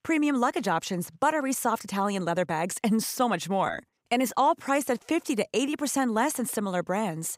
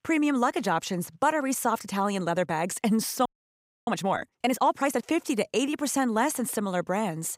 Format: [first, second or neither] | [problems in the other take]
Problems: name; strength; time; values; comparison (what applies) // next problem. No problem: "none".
first | audio freezing; at 3.5 s for 0.5 s